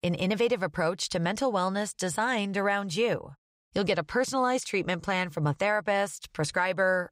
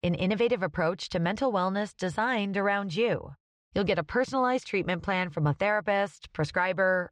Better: first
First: none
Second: muffled; very slightly; fading above 3.5 kHz

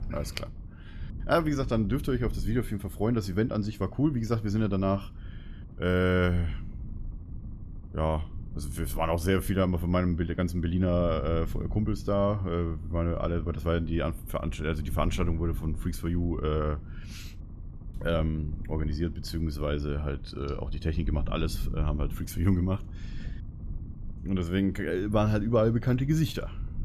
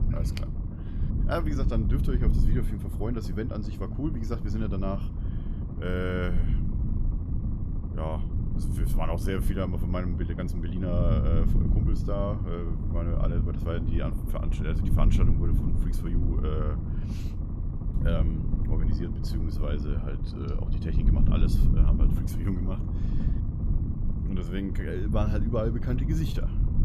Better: first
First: low rumble; faint; throughout; 20 dB below the speech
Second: low rumble; loud; throughout; 5 dB below the speech

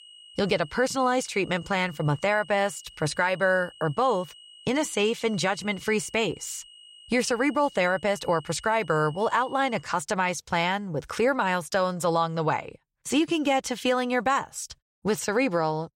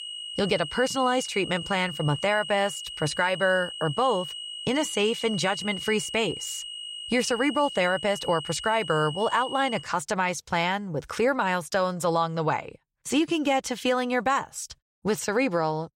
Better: first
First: high-pitched whine; faint; until 10 s; 3 kHz, 20 dB below the speech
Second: high-pitched whine; loud; until 10 s; 3 kHz, 9 dB below the speech

